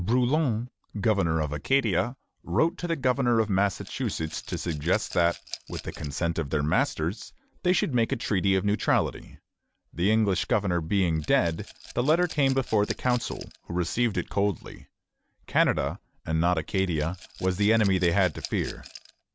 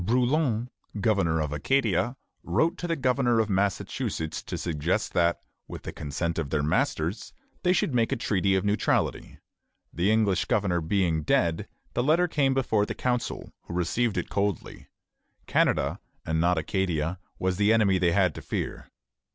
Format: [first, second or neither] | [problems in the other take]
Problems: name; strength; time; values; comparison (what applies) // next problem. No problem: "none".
second | background sound (Rattle / Glass); 18 dB below the speech